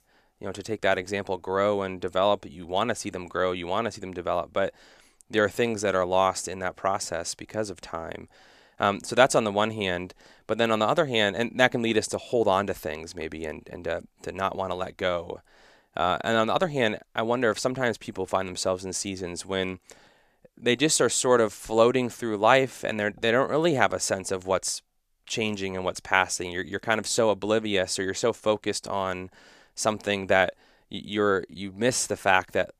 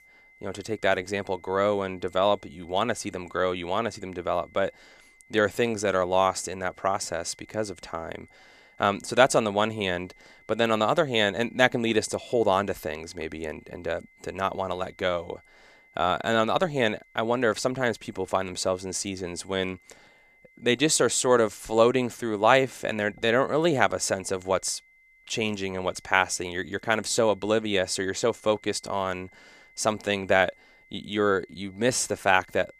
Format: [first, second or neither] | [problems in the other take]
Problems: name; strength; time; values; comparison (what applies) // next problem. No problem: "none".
first | high-pitched whine; faint; throughout; 2 kHz, 30 dB below the speech